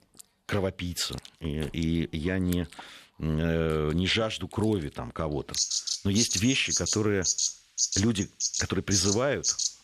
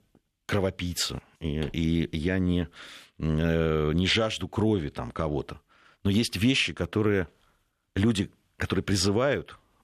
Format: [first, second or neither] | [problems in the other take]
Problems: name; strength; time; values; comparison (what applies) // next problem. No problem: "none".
second | animal sounds; very loud; throughout; 1 dB above the speech